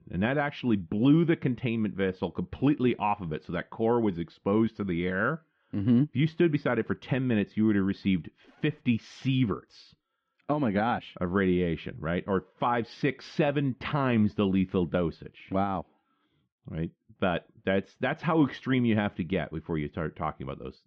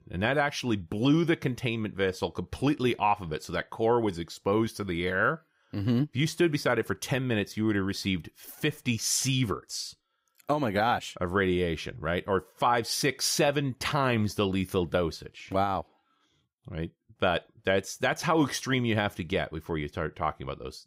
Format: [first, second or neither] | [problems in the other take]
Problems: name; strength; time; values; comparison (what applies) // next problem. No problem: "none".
second | muffled; very; fading above 3 kHz